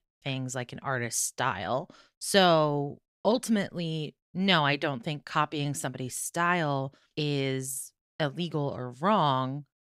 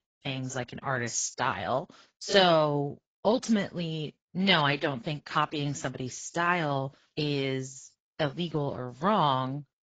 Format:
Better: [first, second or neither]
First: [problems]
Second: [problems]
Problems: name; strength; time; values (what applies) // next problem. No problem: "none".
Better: first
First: none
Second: garbled, watery; badly; nothing above 7.5 kHz